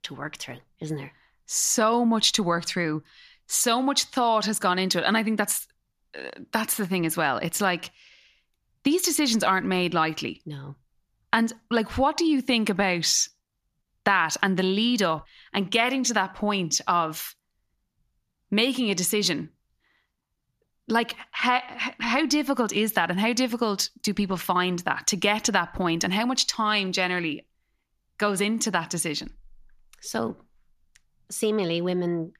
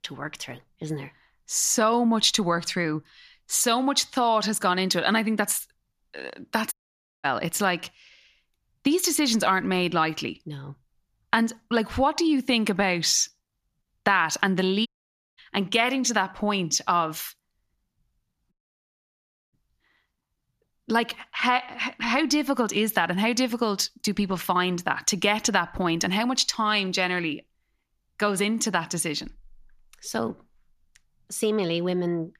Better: first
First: none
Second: audio cutting out; at 6.5 s for 0.5 s, at 15 s for 0.5 s and at 19 s for 1 s

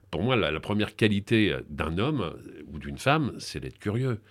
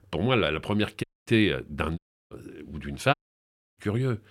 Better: first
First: none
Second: audio cutting out; at 1 s, at 2 s and at 3 s for 0.5 s

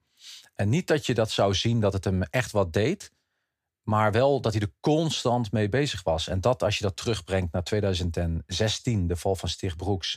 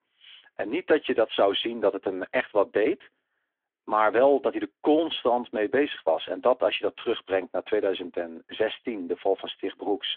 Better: first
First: none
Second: phone-call audio; nothing above 3.5 kHz

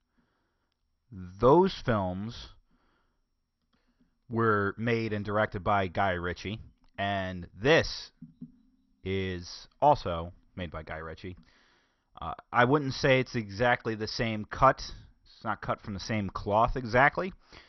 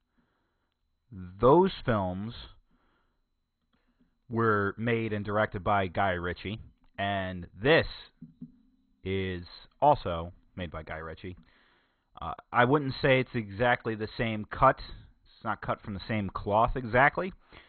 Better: first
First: garbled, watery; slightly; nothing above 6 kHz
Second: garbled, watery; badly; nothing above 4 kHz

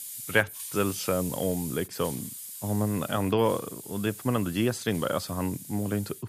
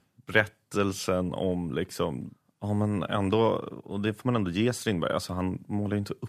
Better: second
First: hiss; loud; throughout; 10 dB below the speech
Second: none

